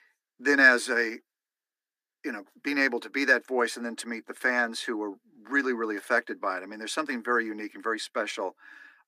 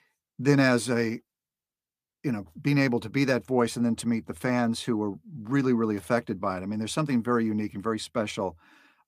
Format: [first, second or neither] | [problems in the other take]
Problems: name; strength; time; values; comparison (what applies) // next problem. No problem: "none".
second | thin; somewhat; fading below 300 Hz